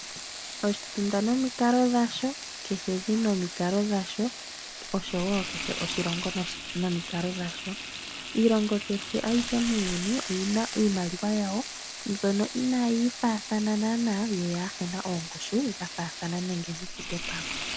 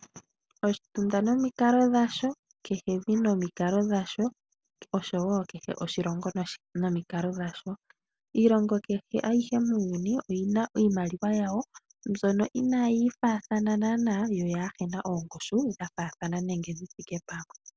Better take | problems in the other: second | background sound (Frying (food)); 9 dB below the speech

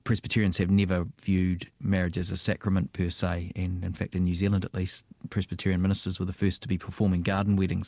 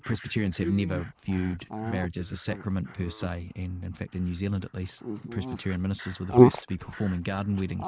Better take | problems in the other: first | noise reduction (neural mask model Resemble Enhance denoiser)

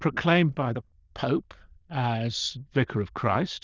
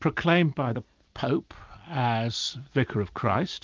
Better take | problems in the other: second | noise reduction (neural diffusion model UNIVERSE++)

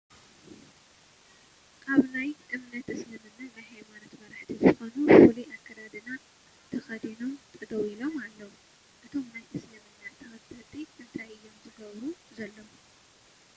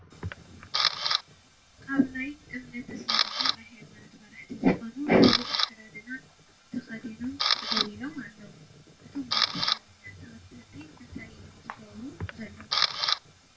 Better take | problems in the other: first | background sound (Camera); as loud as the speech // room echo; dies away in 0.2 s

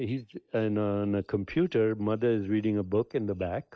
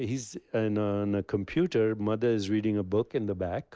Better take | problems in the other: second | noise reduction (neural mask model DeepFilterNet 3)

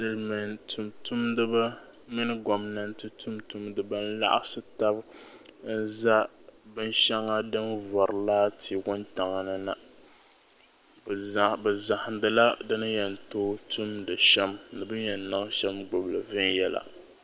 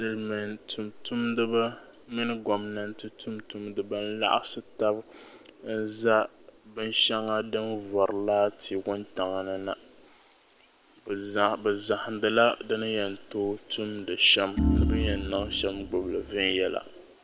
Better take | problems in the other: first | background sound (Organ); 1 dB above the speech

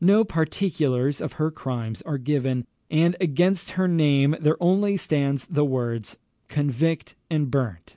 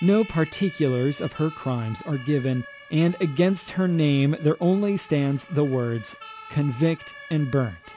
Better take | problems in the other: first | background sound (Siren); 19 dB below the speech

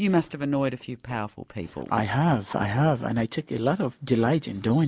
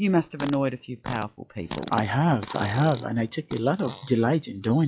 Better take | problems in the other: first | noise reduction (classical method log-MMSE)

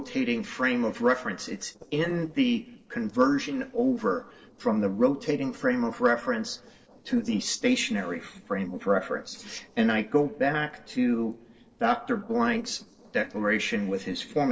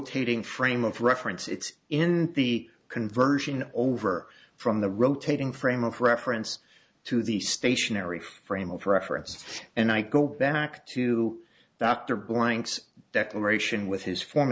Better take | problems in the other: second | noise reduction (neural separator model SepFormer DNS4)

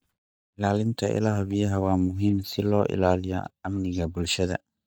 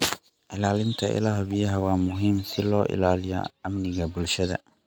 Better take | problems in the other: second | noise reduction (neural mask model DeepFilterNet 3)

